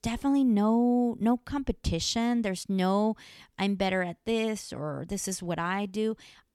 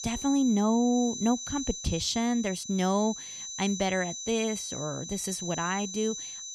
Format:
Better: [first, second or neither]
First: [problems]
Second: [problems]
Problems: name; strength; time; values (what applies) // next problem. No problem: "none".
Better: first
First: none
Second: high-pitched whine; loud; throughout; 6 kHz, 7 dB below the speech